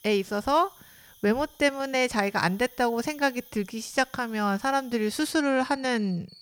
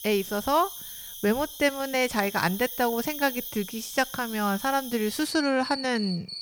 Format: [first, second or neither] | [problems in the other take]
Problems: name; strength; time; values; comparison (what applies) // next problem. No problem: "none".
first | animal sounds; loud; throughout; 9 dB below the speech; faint in the first